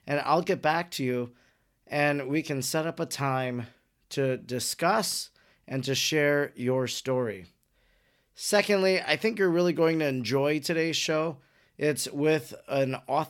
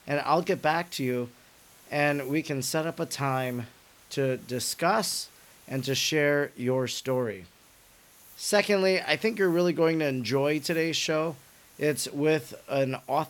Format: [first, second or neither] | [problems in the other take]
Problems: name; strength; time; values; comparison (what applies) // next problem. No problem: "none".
first | hiss; faint; throughout; 25 dB below the speech